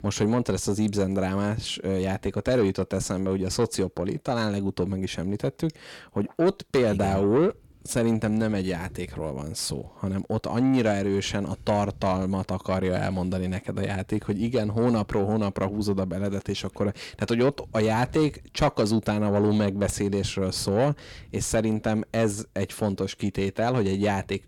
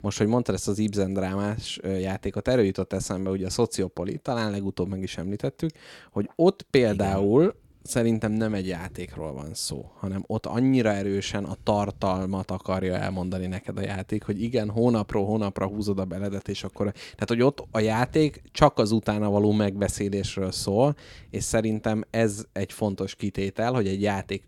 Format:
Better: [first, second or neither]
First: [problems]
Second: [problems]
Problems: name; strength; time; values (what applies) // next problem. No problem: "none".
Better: second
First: distortion; slight; 10 dB below the speech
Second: none